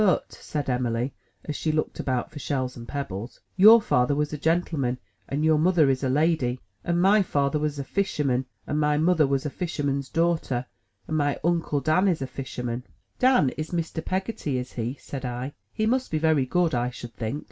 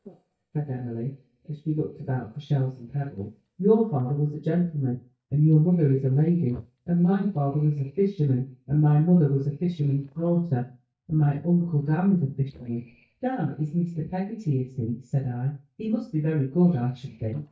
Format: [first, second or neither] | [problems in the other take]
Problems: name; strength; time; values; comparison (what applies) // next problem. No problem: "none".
first | noise reduction (neural mask model DeepFilterNet 3)